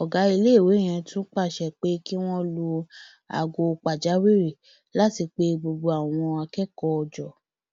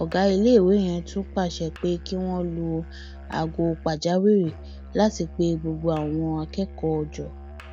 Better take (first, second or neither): first